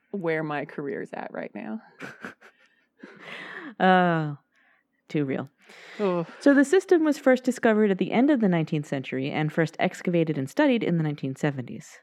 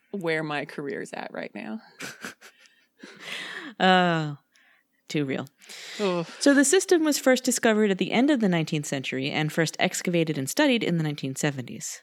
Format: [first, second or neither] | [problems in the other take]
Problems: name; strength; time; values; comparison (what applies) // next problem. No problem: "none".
second | muffled; slightly; fading above 3 kHz